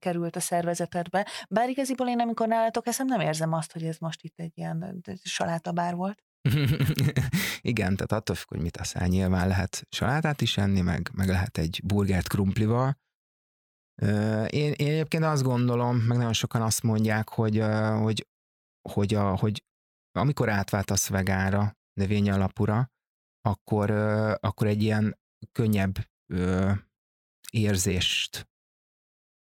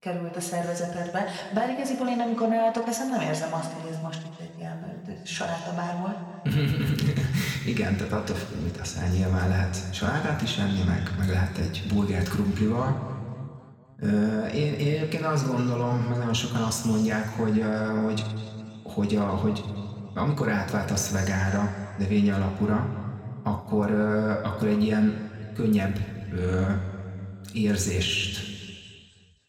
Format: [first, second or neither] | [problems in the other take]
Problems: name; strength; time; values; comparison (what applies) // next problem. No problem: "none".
first | room echo; noticeable; dies away in 2.2 s // off-mic speech; somewhat distant